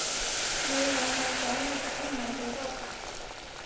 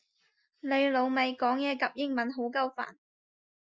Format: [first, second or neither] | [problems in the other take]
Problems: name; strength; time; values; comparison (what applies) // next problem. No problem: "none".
second | background sound (Boiling); 4 dB above the speech // room echo; dies away in 0.6 s